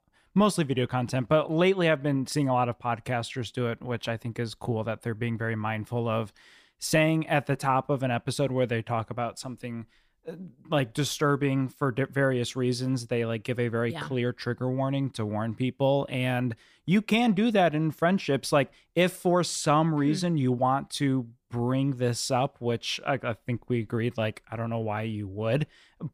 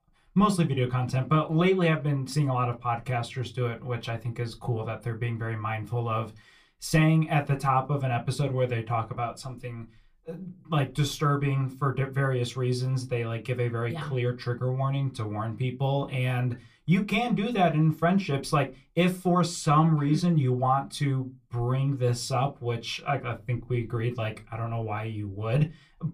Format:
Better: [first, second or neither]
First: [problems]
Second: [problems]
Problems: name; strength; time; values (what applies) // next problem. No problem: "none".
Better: first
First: none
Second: off-mic speech; far // room echo; very slight; dies away in 0.2 s